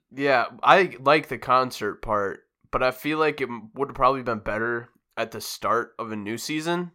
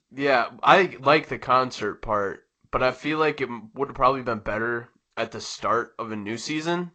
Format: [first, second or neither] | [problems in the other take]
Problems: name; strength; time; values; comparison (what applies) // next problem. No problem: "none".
first | garbled, watery; slightly; nothing above 7.5 kHz